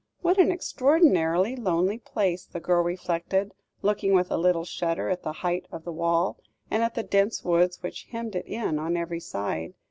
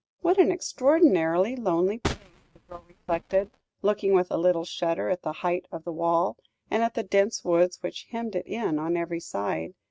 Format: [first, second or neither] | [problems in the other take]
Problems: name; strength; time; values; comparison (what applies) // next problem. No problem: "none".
first | noise reduction (neural mask model RNNoise)